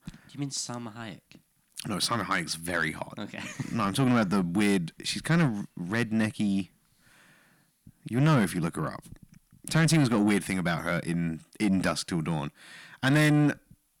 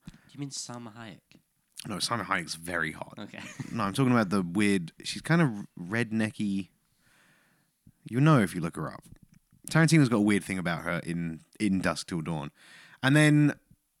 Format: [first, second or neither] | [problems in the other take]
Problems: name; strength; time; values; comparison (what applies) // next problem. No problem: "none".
second | distortion; slight; 10 dB below the speech